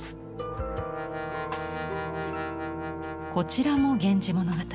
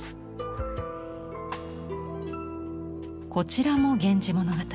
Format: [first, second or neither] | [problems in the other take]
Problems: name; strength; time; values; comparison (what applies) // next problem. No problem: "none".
second | background sound (Brass instrument); 8 dB below the speech